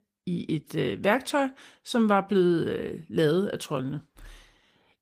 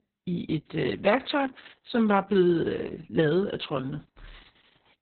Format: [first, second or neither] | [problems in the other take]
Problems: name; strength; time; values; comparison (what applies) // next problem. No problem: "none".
first | garbled, watery; badly; nothing above 4 kHz; slightly in the first